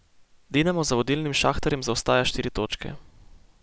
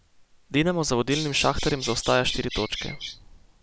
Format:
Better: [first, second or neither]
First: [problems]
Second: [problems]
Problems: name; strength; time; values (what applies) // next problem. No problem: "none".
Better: first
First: none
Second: background sound (Bird vocalization, bird call, bird song); 9 dB below the speech